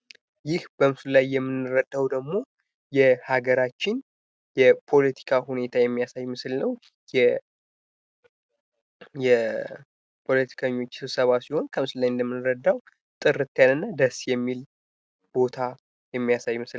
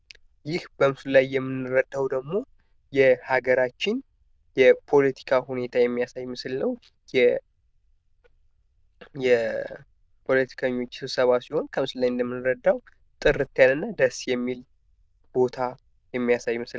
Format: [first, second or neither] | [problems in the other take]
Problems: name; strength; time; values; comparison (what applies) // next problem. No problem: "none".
first | noise reduction (neural diffusion model UNIVERSE++)